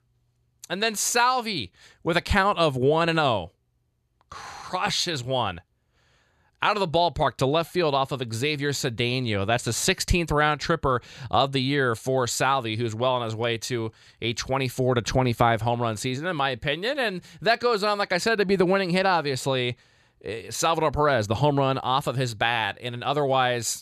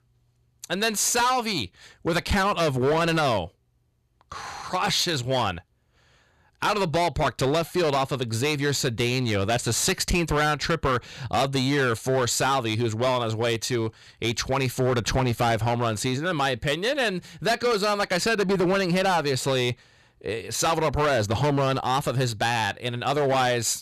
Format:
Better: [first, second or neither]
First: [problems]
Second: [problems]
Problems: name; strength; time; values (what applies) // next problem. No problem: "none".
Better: first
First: none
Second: distortion; heavy; 13% of the sound clipped